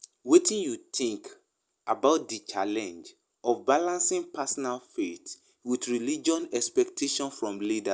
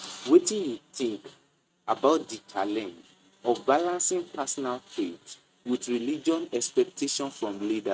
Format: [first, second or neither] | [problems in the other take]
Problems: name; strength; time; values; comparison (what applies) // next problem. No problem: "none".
first | noise reduction (neural mask model RNNoise)